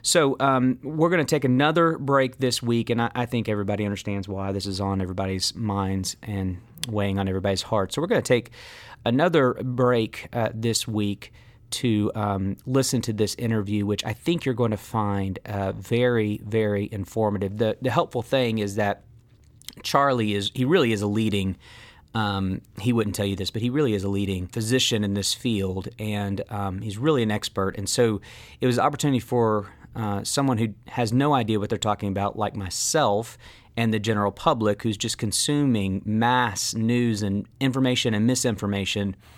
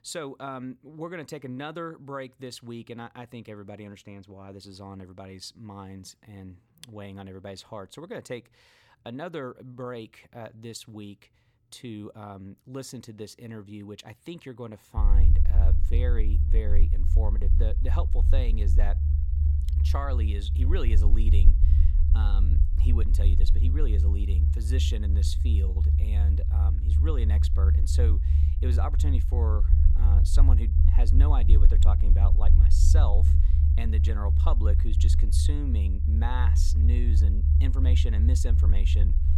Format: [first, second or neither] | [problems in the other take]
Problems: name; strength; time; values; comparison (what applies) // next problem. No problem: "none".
first | low rumble; loud; from 15 s on; 3 dB below the speech